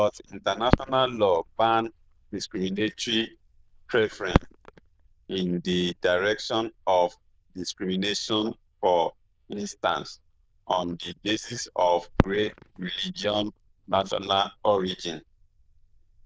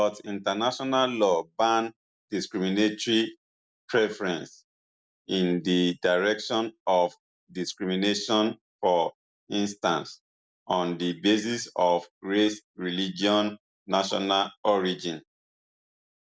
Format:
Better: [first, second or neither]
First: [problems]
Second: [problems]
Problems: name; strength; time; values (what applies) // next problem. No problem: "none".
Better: second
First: noise reduction (neural diffusion model UNIVERSE++)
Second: none